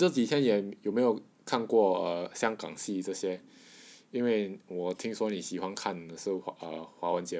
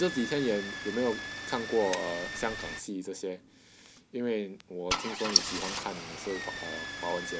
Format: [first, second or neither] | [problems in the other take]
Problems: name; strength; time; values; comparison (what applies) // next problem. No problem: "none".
first | background sound (Engine starting / Car); 3 dB below the speech